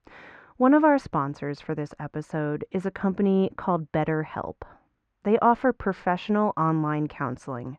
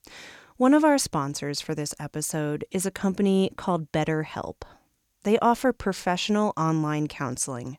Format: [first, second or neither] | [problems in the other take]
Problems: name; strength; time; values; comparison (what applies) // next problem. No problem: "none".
second | muffled; very; fading above 1.5 kHz